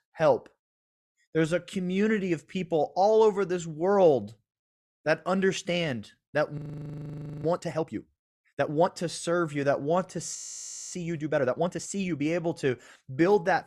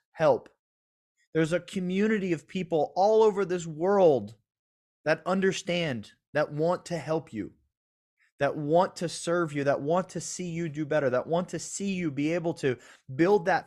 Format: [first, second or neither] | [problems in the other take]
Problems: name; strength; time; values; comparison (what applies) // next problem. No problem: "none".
second | audio freezing; at 6.5 s for 1 s and at 10 s for 0.5 s